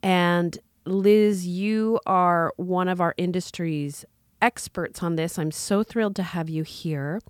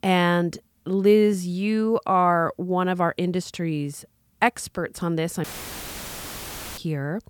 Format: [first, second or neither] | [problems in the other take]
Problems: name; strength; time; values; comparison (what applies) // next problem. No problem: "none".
first | audio cutting out; filled with static; at 5.5 s for 1.5 s